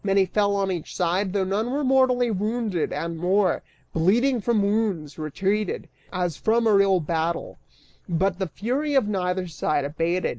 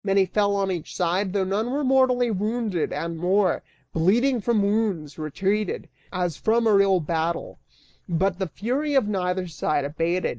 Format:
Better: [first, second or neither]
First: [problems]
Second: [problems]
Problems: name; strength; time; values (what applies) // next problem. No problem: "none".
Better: first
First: none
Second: noise reduction (neural mask model DeepFilterNet 3)